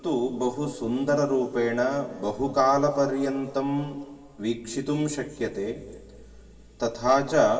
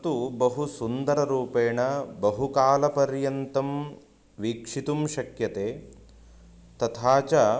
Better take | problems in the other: second | room echo; dies away in 2.4 s

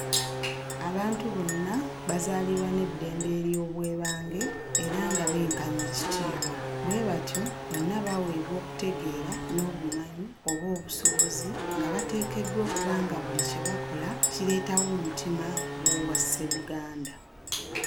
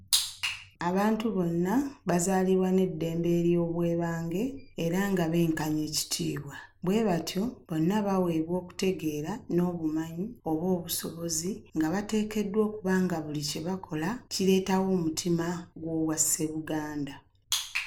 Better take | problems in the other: second | background sound (Race car, auto racing / Accelerating, revving, vroom + Chink, clink); 1 dB below the speech

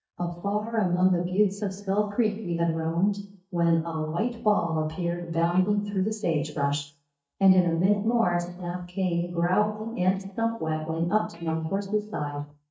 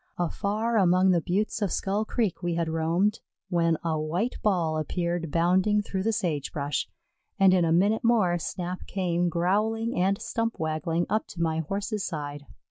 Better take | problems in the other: second | noise reduction (neural mask model DeepFilterNet 3)

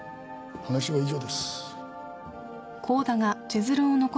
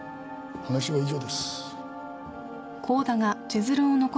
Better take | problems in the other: first | background sound (Wind instrument, woodwind instrument); 16 dB below the speech

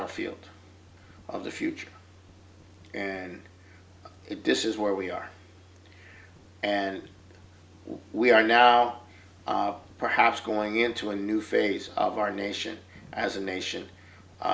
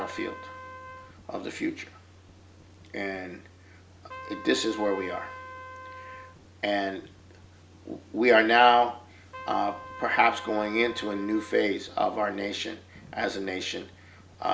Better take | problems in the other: first | background sound (Trumpet); 17 dB below the speech

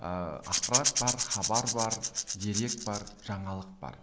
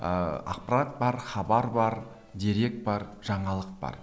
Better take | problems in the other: second | background sound (Rattle / Rattle (instrument)); 2 dB above the speech

